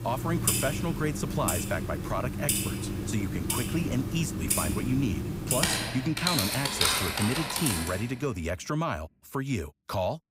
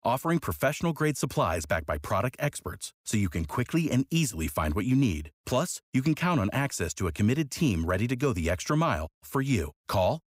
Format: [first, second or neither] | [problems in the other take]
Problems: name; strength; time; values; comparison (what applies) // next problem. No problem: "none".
second | household noises; very loud; until 7.5 s; 3 dB above the speech